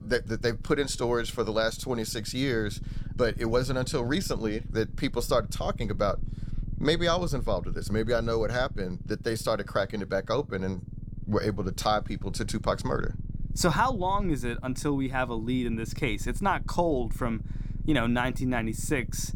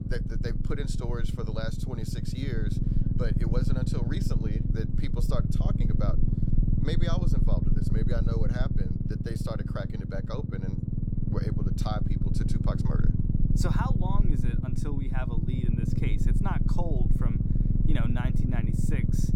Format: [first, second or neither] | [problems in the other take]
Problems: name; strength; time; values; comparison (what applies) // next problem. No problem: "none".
first | low rumble; loud; throughout; as loud as the speech; faint in the first